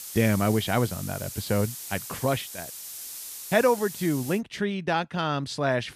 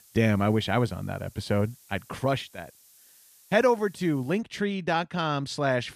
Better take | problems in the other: second | hiss; loud; until 4.5 s; 10 dB below the speech; faint in the second

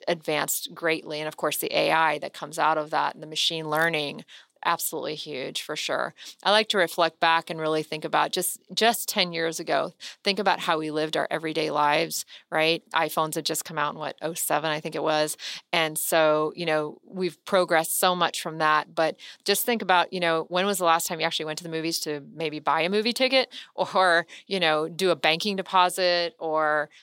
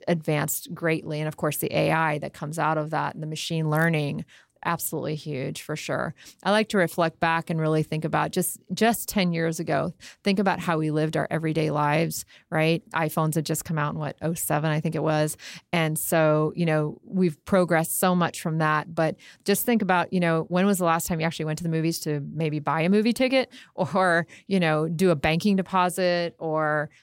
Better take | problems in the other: second | thin; somewhat; fading below 350 Hz

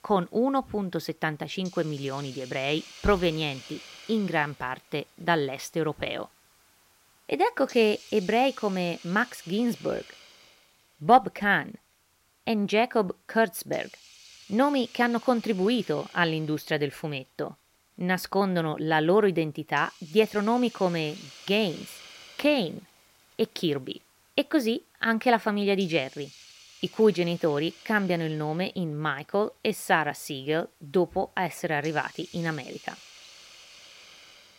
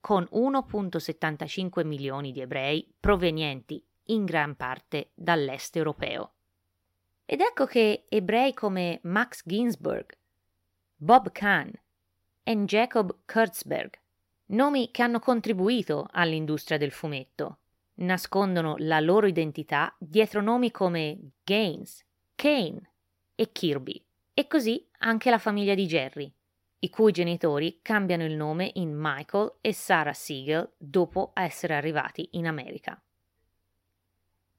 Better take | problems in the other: second | hiss; faint; throughout; 20 dB below the speech

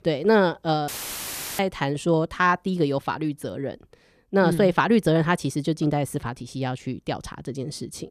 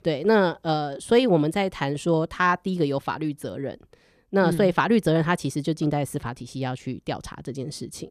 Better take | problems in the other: second | audio cutting out; filled with static; at 1 s for 0.5 s

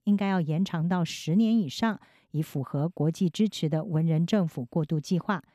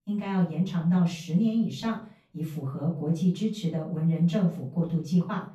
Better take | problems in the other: first | room echo; slight; dies away in 0.3 s // off-mic speech; far

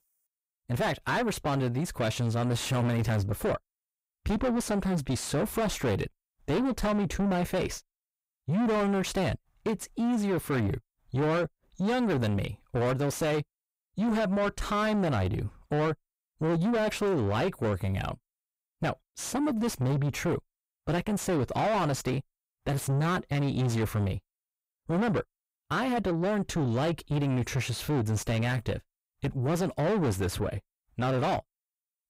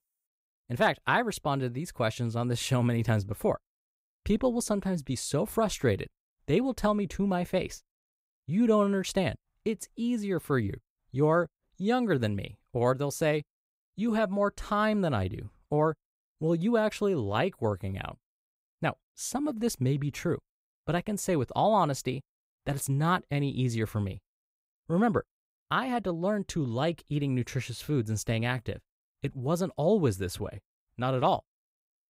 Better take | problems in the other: second | distortion; heavy; 6 dB below the speech

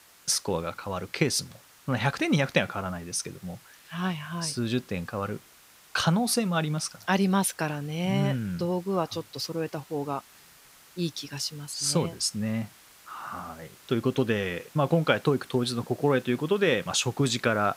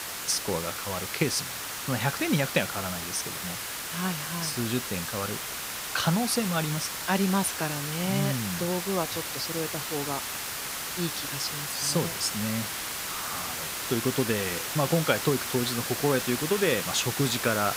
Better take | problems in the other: first | hiss; loud; throughout; 2 dB below the speech; faint in the first

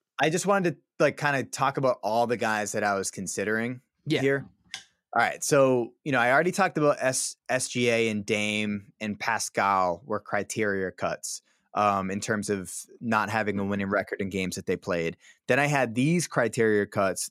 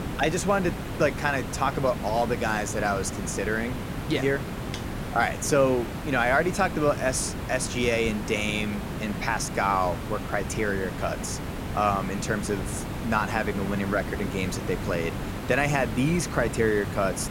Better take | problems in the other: first | hiss; loud; throughout; 7 dB below the speech

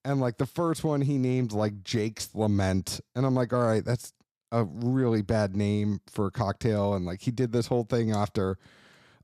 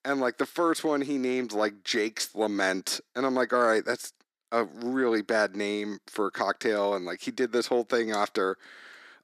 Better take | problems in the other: first | thin; somewhat; fading below 300 Hz

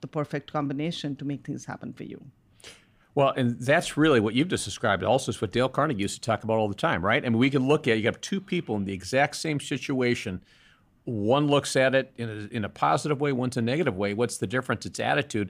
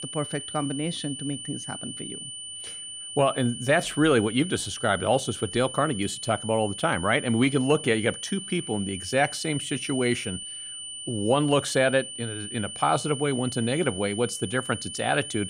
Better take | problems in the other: first | high-pitched whine; loud; throughout; 3 kHz, 9 dB below the speech

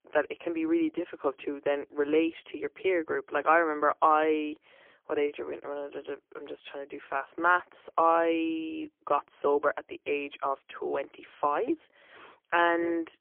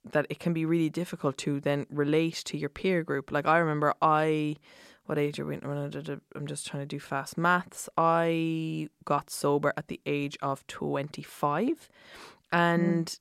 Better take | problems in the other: second | phone-call audio; poor line; nothing above 3 kHz

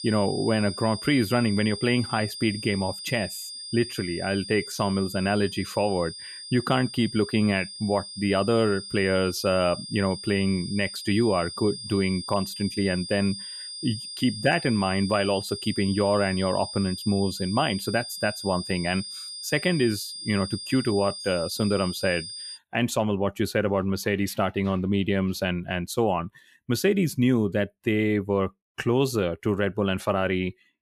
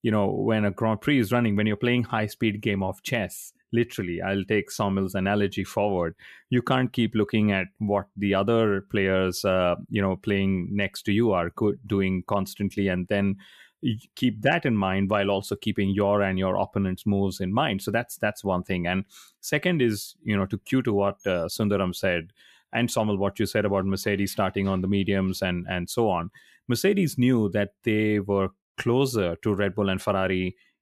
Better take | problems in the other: second | high-pitched whine; loud; until 23 s; 5 kHz, 9 dB below the speech

